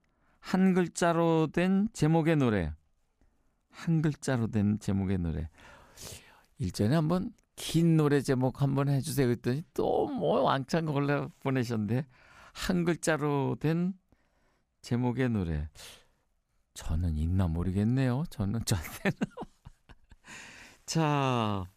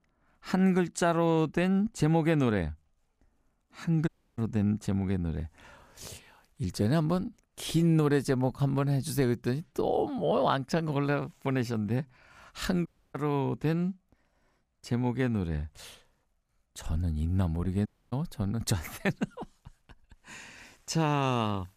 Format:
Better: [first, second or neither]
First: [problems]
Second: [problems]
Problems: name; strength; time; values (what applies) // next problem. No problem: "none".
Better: first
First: none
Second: audio cutting out; at 4 s, at 13 s and at 18 s